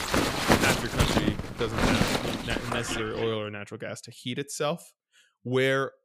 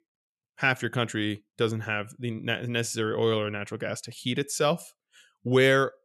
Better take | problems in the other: second | household noises; very loud; until 3 s; 4 dB above the speech

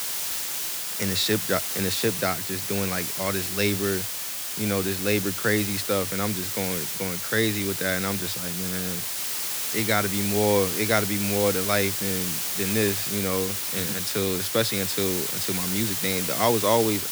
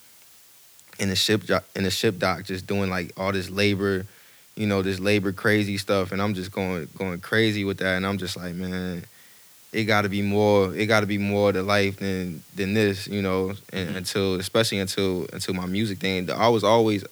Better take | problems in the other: second | hiss; loud; throughout; as loud as the speech; faint in the second

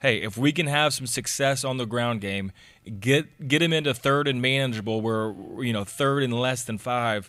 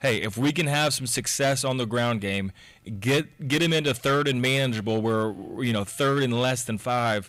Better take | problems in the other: first | distortion; slight; 8% of the sound clipped

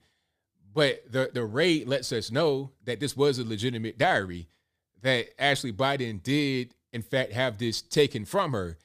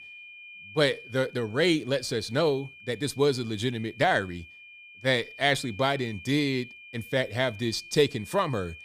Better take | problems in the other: first | high-pitched whine; noticeable; throughout; 2.5 kHz, 20 dB below the speech

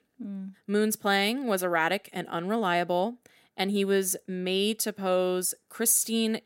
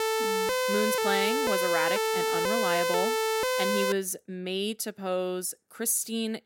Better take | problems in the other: first | siren; loud; until 4 s; peak 4 dB above the speech

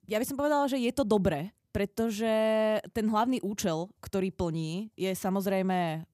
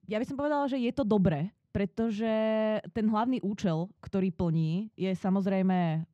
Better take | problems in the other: first | muffled; slightly; fading above 3.5 kHz

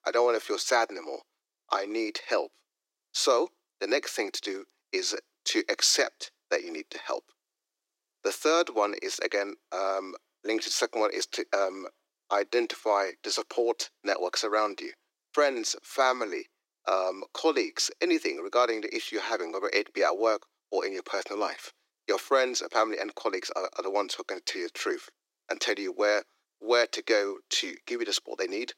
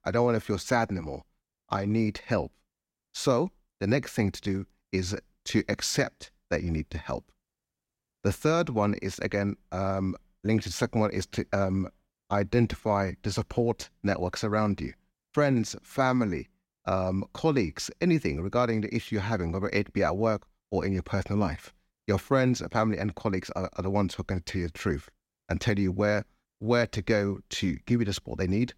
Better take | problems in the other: second | thin; very; fading below 300 Hz

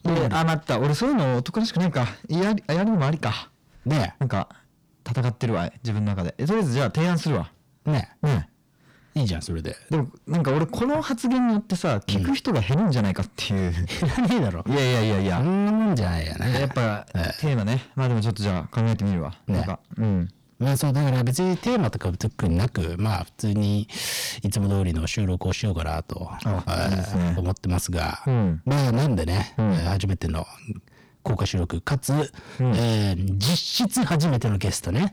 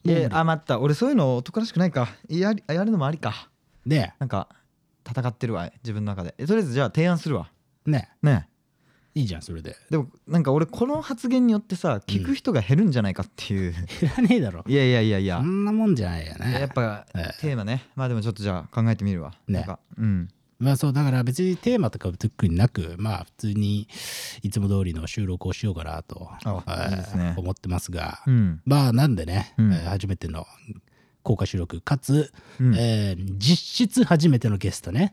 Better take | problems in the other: second | distortion; heavy; 6 dB below the speech

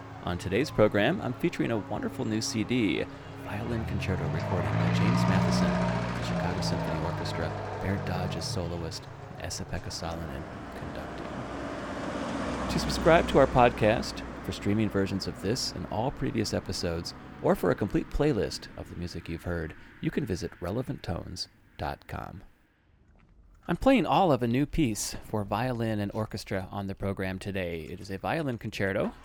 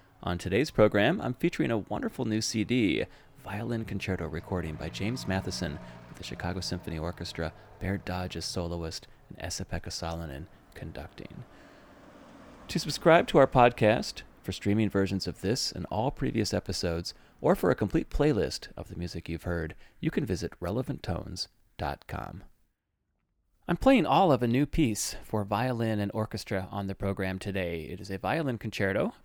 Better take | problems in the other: second | traffic noise; loud; throughout; 4 dB below the speech; faint in the second

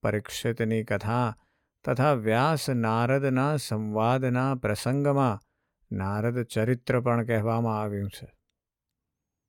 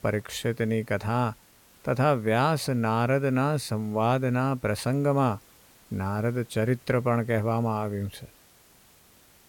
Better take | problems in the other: first | hiss; faint; throughout; 30 dB below the speech

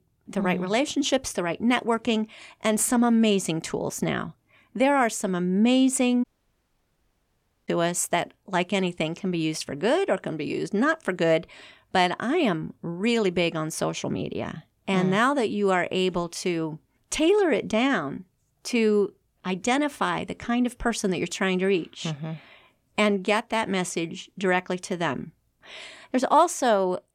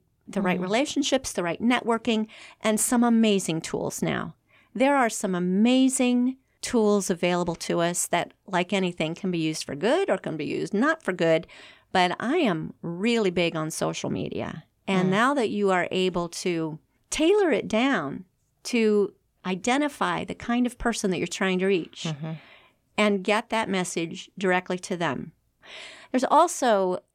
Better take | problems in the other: second | audio cutting out; at 6 s for 1.5 s

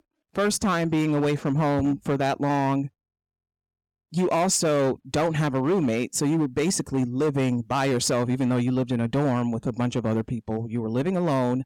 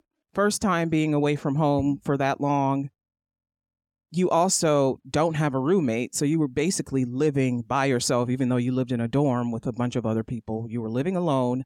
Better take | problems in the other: second | distortion; slight; 12% of the sound clipped

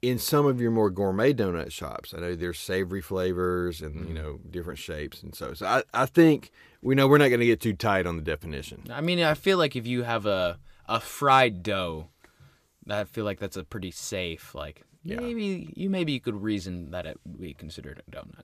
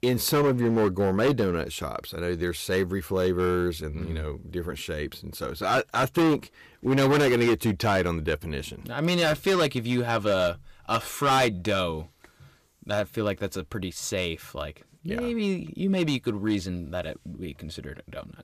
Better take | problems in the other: first | distortion; heavy; 7% of the sound clipped

